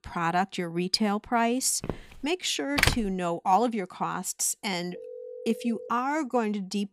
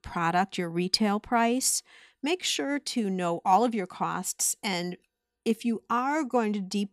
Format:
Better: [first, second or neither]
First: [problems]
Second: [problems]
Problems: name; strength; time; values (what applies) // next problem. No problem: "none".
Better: second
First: footsteps; faint; at 2 s; peak 10 dB below the speech // door banging; loud; at 3 s; peak 3 dB above the speech // phone ringing; faint; at 5 s; peak 15 dB below the speech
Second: none